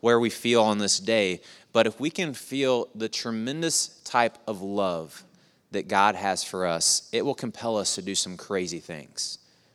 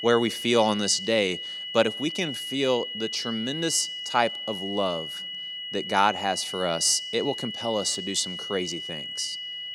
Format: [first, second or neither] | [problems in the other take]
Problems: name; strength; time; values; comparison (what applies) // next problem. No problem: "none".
first | high-pitched whine; loud; throughout; 3 kHz, 6 dB below the speech